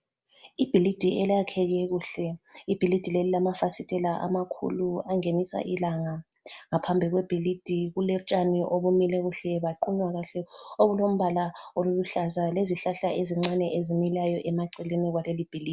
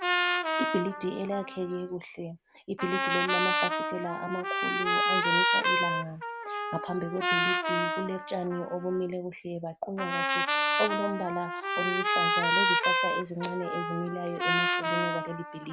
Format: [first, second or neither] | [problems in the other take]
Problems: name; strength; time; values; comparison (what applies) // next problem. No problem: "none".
first | background sound (Trumpet); 5 dB above the speech